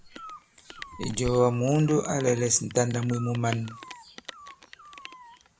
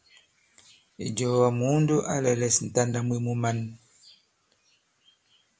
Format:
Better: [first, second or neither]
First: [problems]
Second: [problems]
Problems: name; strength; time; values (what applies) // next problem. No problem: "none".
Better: second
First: background sound (Dog + Rain); 16 dB below the speech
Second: none